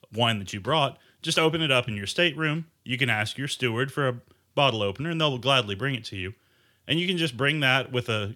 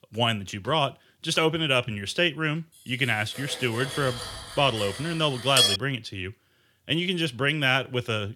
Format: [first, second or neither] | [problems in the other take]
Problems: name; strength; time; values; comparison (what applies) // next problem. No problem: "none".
first | clattering dishes; loud; from 3.5 to 6 s; peak 5 dB above the speech